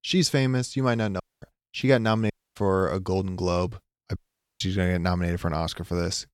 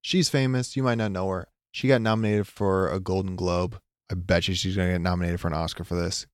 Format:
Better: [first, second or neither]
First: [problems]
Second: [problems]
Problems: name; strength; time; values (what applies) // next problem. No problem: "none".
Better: second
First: audio cutting out; at 1 s, at 2.5 s and at 4 s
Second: none